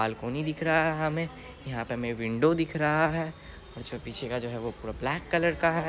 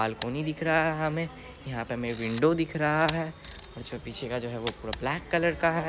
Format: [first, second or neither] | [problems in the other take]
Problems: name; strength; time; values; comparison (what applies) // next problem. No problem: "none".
first | background sound (Camera); 17 dB below the speech